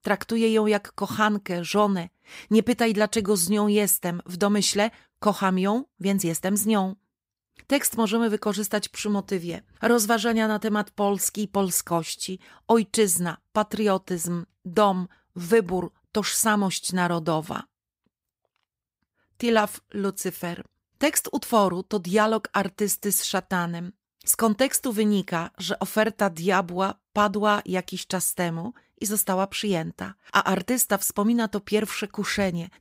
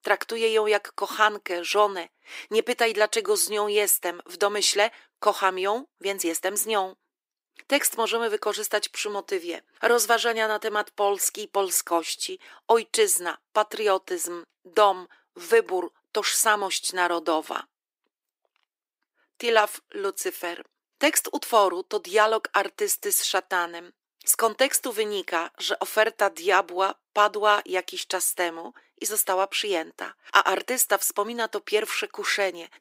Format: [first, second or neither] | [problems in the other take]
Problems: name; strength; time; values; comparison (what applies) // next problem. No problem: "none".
first | thin; very; fading below 300 Hz